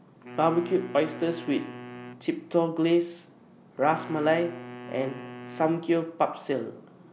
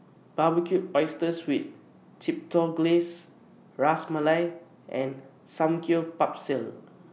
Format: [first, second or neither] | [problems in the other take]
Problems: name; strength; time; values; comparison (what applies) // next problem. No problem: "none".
second | background sound (Wind instrument, woodwind instrument); 15 dB below the speech